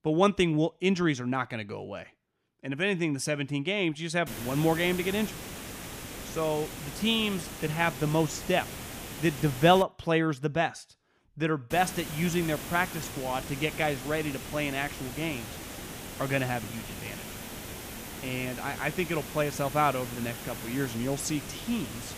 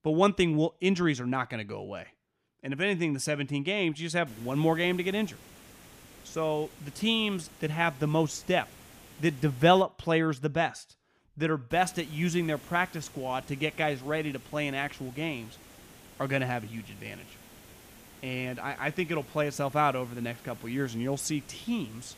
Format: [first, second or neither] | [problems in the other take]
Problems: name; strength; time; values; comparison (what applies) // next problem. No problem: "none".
second | hiss; loud; from 4.5 to 10 s and from 12 s on; 10 dB below the speech; faint in the second